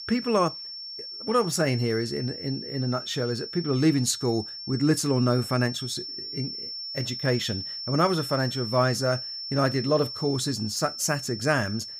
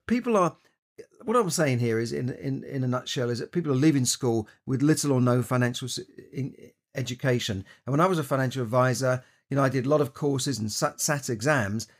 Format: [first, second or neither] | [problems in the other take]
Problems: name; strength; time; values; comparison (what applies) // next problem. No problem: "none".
second | high-pitched whine; loud; throughout; 5.5 kHz, 7 dB below the speech